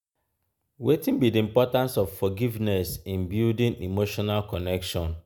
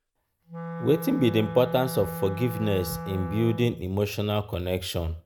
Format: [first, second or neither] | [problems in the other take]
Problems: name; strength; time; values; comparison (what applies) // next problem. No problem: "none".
first | background sound (Wind instrument, woodwind instrument); 10 dB below the speech